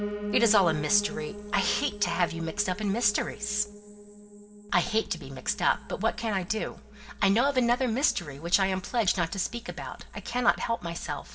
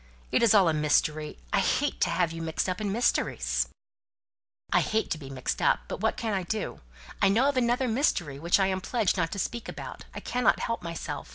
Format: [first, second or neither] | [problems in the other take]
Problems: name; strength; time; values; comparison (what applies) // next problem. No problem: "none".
second | background sound (Piano); 13 dB below the speech // room echo; dies away in 2.4 s